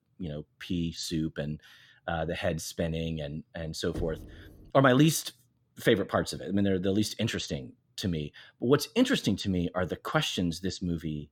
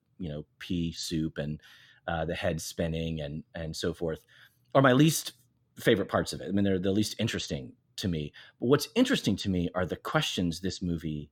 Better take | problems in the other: second | door banging; faint; at 4 s; peak 10 dB below the speech

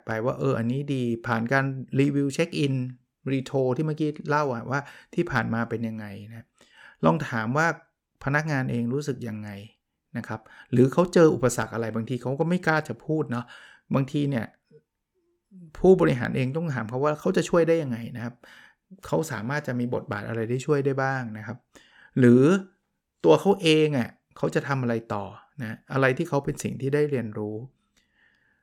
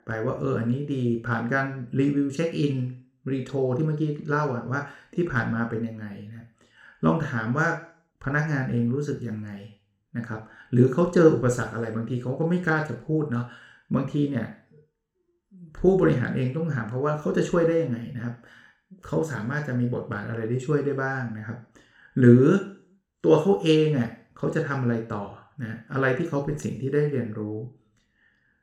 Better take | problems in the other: first | room echo; slight; dies away in 0.5 s // off-mic speech; somewhat distant

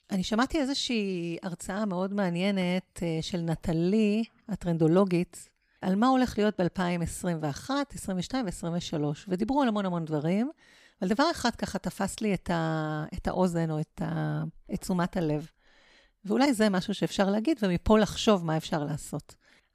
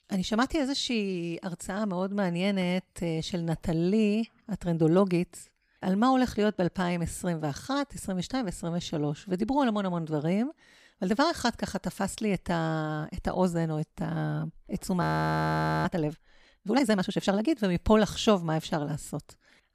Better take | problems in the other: first | audio freezing; at 15 s for 1 s

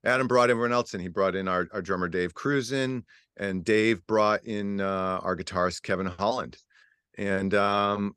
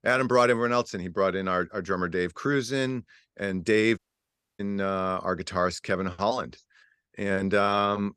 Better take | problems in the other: first | audio cutting out; at 4 s for 0.5 s

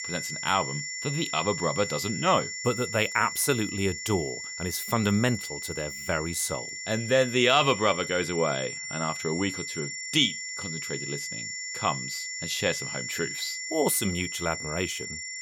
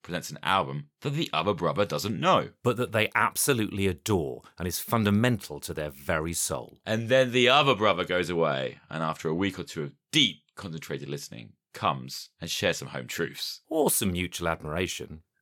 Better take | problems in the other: second | high-pitched whine; loud; throughout; 2 kHz, 6 dB below the speech

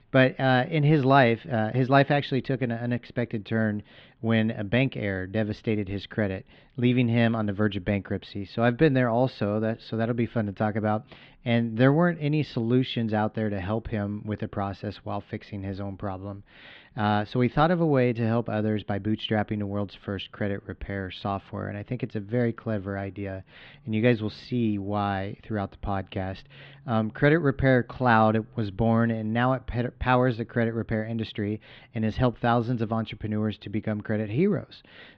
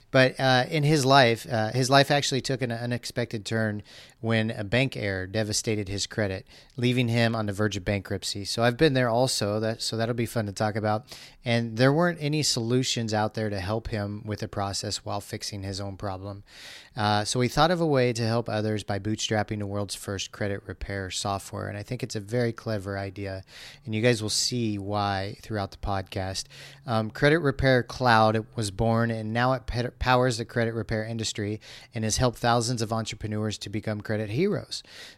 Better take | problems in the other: second | muffled; very; fading above 3.5 kHz

